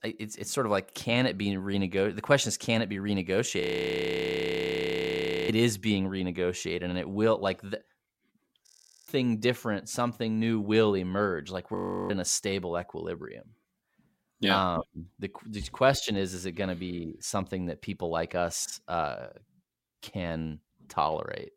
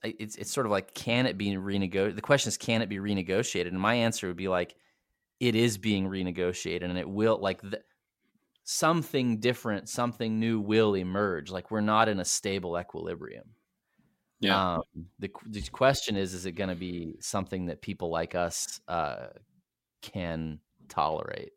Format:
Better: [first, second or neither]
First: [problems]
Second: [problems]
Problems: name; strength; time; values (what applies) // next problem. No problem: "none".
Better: second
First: audio freezing; at 3.5 s for 2 s, at 8.5 s and at 12 s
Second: none